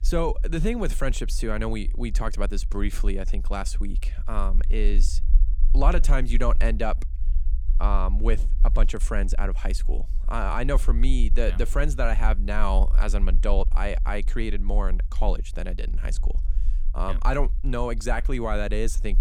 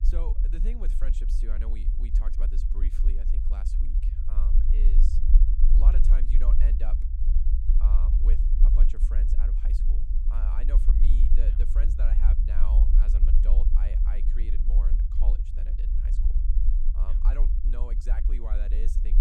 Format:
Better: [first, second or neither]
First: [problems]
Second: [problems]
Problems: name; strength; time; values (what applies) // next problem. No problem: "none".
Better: first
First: low rumble; faint; throughout; 20 dB below the speech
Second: low rumble; loud; throughout; 1 dB below the speech